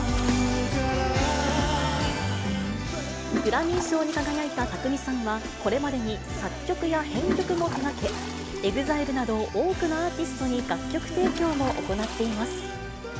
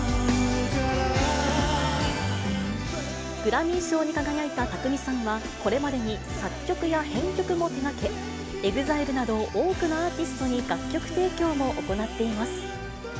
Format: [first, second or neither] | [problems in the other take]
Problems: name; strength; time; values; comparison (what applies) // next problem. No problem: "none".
second | background sound (Toilet flush); 12 dB below the speech